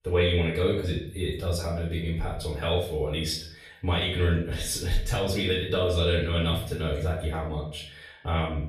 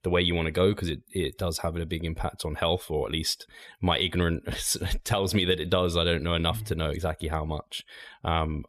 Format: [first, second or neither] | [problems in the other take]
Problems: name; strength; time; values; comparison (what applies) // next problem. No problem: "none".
second | off-mic speech; far // room echo; noticeable; dies away in 0.5 s